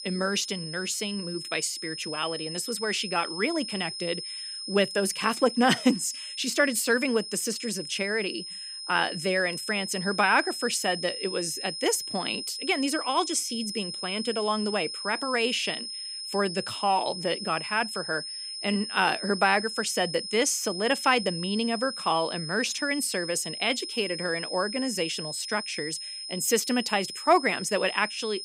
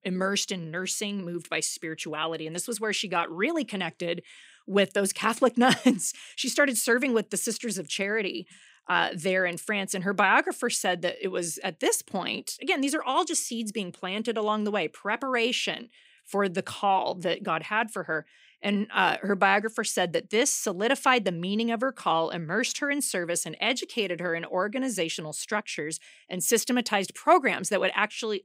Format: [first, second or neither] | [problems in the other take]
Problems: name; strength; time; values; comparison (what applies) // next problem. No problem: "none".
second | high-pitched whine; loud; throughout; 5 kHz, 7 dB below the speech